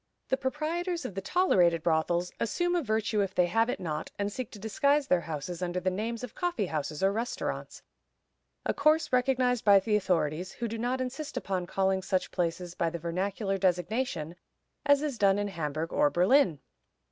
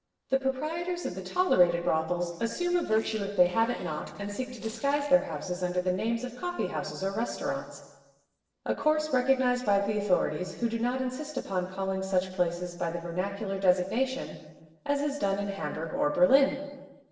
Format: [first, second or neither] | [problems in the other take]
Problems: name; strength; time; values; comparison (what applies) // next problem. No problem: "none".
first | noise reduction (neural separator model SepFormer DNS4)